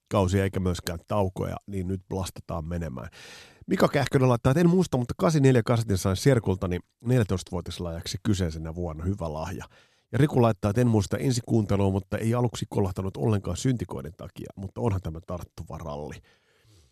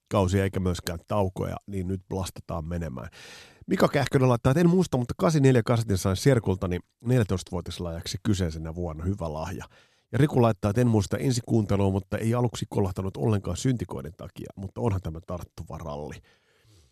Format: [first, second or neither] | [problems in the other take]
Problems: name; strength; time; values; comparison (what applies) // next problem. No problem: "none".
neither | none